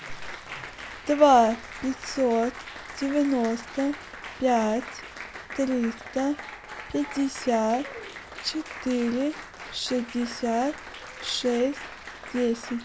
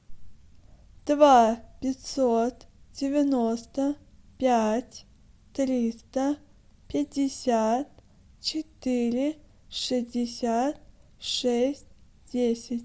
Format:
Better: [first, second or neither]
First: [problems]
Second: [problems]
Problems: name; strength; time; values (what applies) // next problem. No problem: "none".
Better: second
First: background sound (Applause); 13 dB below the speech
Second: none